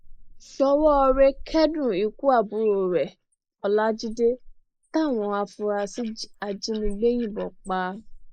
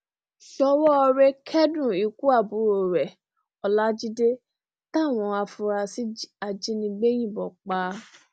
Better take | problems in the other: second | noise reduction (neural mask model Resemble Enhance denoiser)

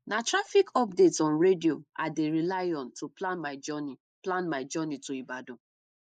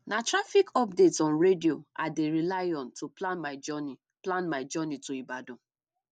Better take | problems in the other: second | noise reduction (neural mask model Resemble Enhance denoiser)

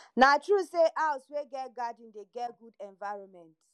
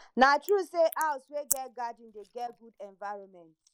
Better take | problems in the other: first | noise reduction (neural mask model Resemble Enhance denoiser)

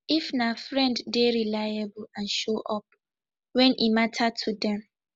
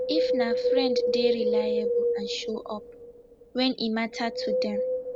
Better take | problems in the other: first | background sound (Wind); 4 dB above the speech

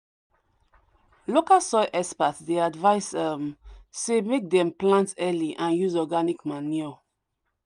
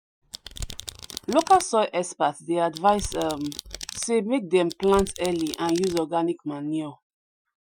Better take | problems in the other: first | noise reduction (classical method Wiener filter)

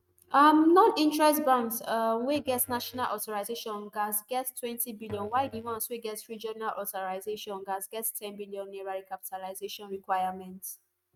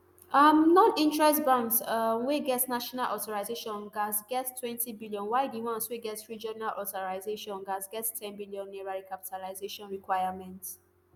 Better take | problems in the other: second | noise reduction (neural mask model RNNoise)

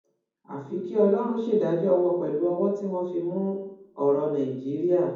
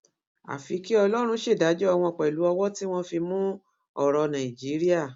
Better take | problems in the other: second | room echo; dies away in 1.2 s

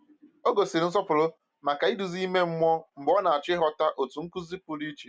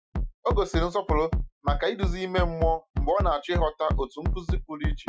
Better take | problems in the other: first | noise reduction (classical method Wiener filter)

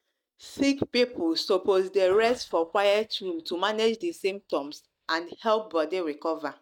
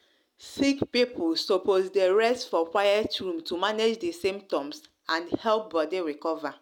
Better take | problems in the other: second | noise reduction (neural mask model DeepFilterNet 3)

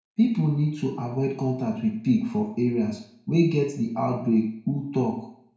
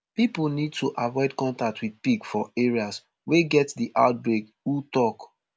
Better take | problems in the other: second | room echo; dies away in 0.6 s

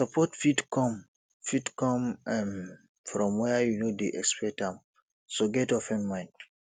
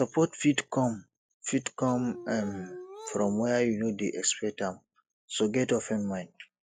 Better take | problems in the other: first | noise reduction (classical method log-MMSE)

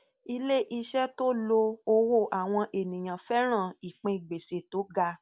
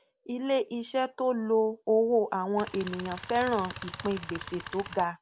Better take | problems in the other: first | background sound (Tools); 13 dB below the speech

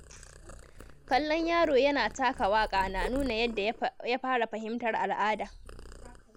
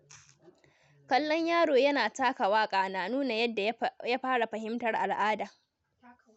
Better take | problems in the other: second | background sound (Purr); 14 dB below the speech

